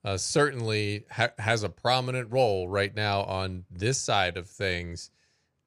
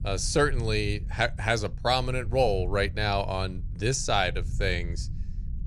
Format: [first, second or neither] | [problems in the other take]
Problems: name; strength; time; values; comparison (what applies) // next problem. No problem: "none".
first | low rumble; faint; throughout; 25 dB below the speech